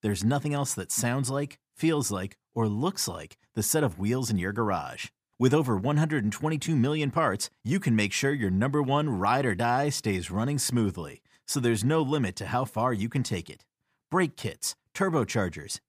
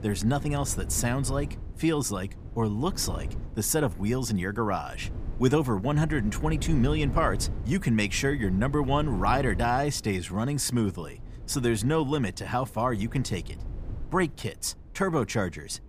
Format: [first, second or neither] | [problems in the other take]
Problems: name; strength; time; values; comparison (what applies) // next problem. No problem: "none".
first | wind noise on the microphone; occasional gusts; 20 dB below the speech